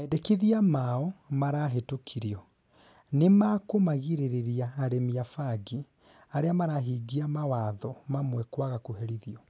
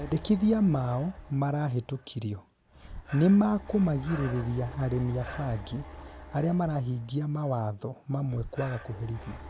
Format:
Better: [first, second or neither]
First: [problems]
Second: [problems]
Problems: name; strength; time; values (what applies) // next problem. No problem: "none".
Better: first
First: none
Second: background sound (Breathing); 15 dB below the speech